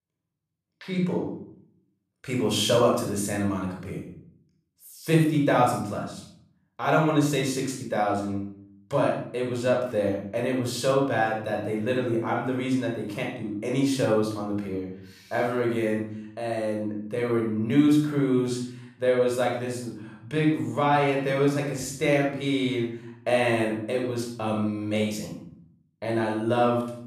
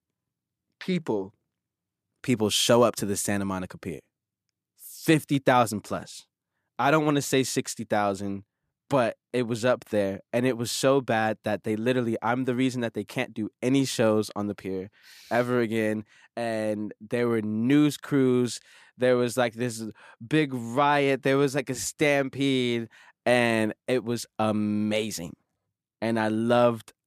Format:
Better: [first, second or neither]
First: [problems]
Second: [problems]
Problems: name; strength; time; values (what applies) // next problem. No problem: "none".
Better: second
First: off-mic speech; somewhat distant // room echo; noticeable; dies away in 0.6 s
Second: none